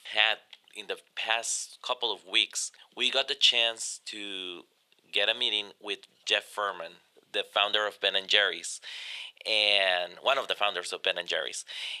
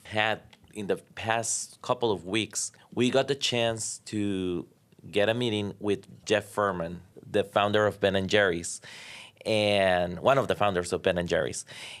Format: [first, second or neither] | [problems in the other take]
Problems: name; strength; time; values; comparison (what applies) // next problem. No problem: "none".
second | thin; very; fading below 600 Hz